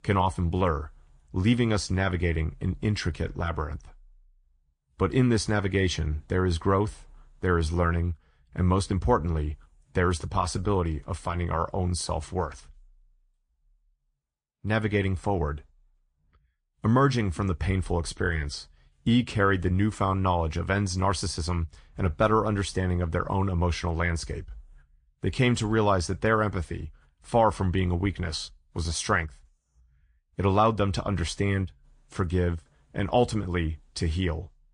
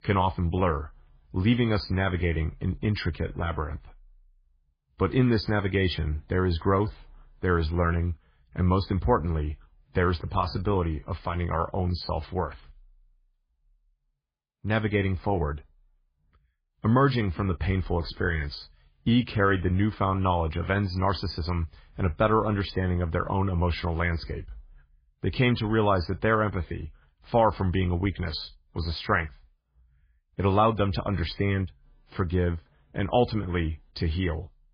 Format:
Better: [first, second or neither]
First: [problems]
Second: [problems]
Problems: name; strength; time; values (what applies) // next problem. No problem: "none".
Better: first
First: garbled, watery; slightly; nothing above 9 kHz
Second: garbled, watery; badly; nothing above 5 kHz